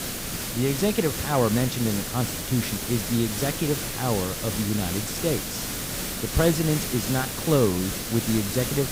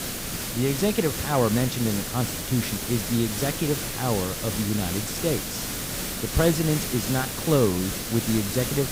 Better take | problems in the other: neither | hiss; loud; throughout; 3 dB below the speech; the same in both

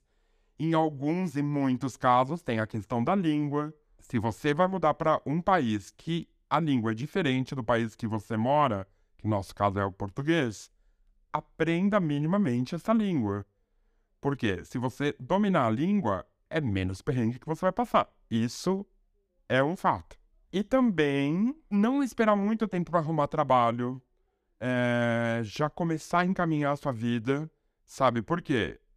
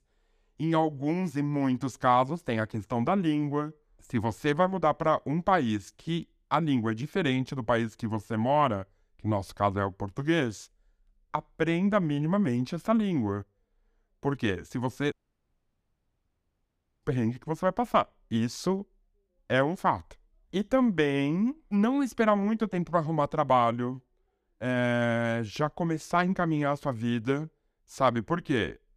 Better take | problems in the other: first | audio cutting out; at 15 s for 2 s

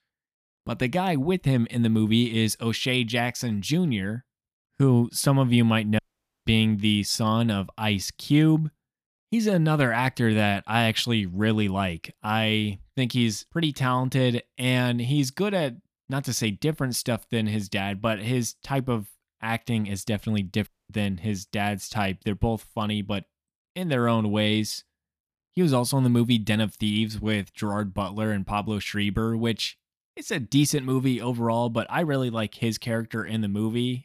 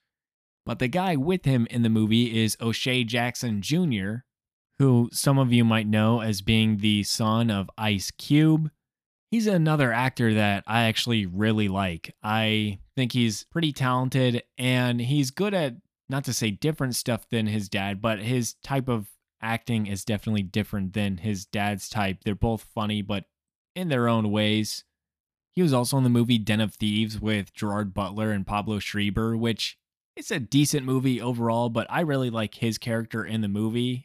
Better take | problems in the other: second | audio cutting out; at 6 s and at 21 s

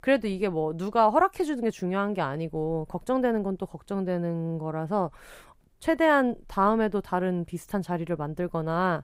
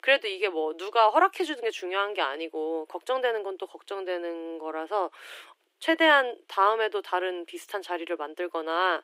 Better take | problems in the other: first | thin; very; fading below 300 Hz

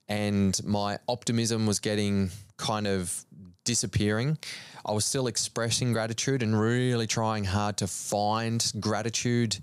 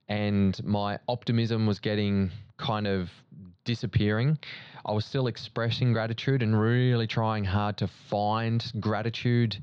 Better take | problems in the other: first | muffled; slightly; fading above 4 kHz

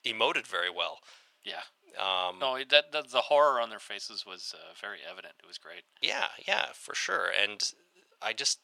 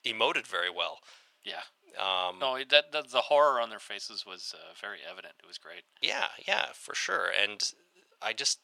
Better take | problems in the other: neither | thin; very; fading below 800 Hz; the same in both

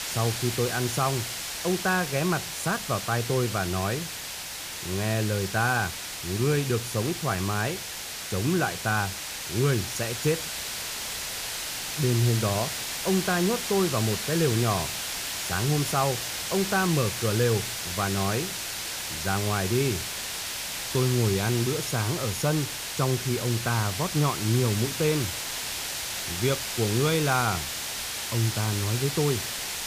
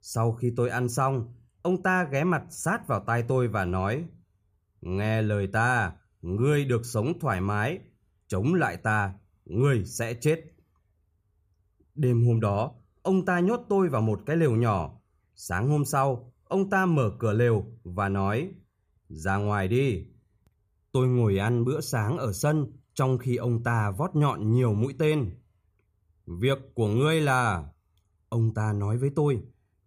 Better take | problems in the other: second | hiss; loud; throughout; 3 dB below the speech

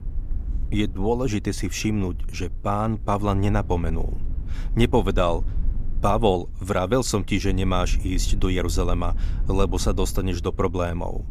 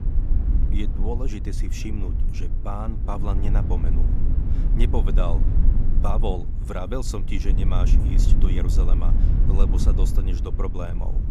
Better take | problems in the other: first | low rumble; loud; throughout; 5 dB below the speech; faint in the first

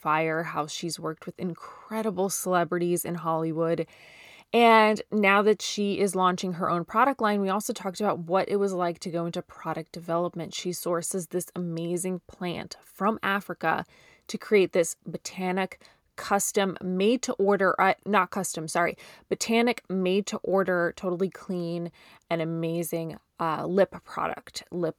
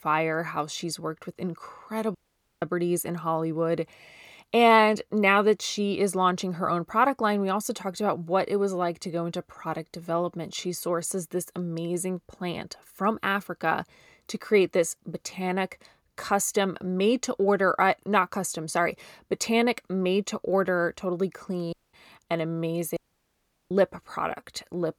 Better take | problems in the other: first | audio cutting out; at 2 s, at 22 s and at 23 s for 0.5 s

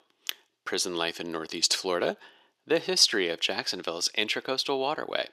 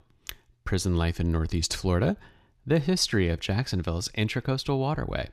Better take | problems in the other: second | thin; very; fading below 350 Hz

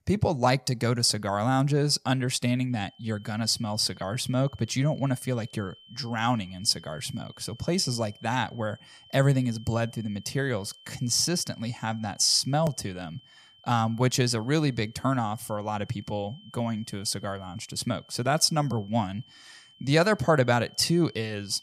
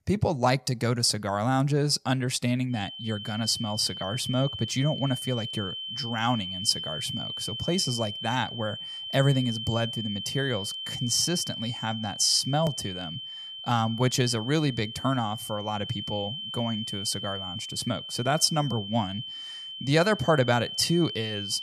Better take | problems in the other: first | high-pitched whine; loud; from 3 s on; 3 kHz, 7 dB below the speech; faint in the first

